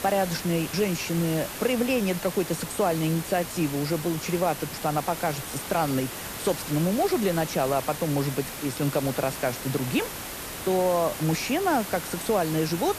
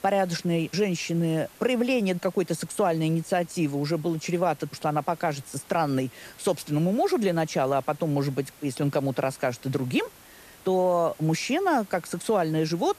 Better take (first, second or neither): second